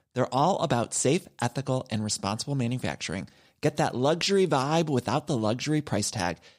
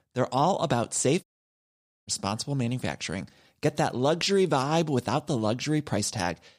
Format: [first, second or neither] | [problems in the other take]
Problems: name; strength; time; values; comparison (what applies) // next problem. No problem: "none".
first | audio cutting out; at 1 s for 1 s